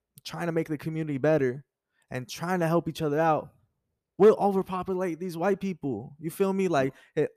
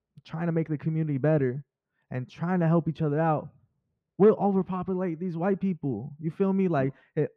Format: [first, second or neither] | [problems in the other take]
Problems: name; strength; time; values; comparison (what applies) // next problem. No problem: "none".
first | muffled; slightly; fading above 2.5 kHz